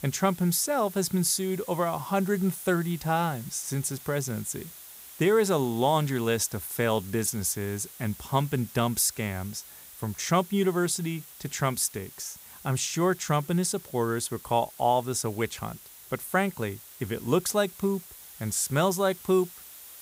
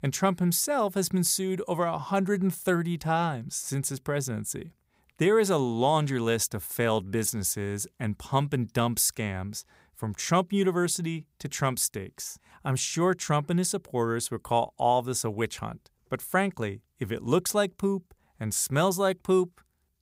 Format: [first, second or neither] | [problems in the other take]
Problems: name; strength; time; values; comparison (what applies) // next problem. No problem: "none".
second | hiss; noticeable; throughout; 15 dB below the speech